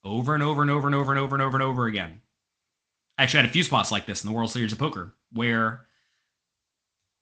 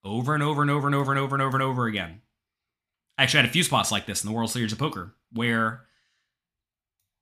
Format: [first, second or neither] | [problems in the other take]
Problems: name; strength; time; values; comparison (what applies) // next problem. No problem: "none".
second | garbled, watery; slightly; nothing above 8 kHz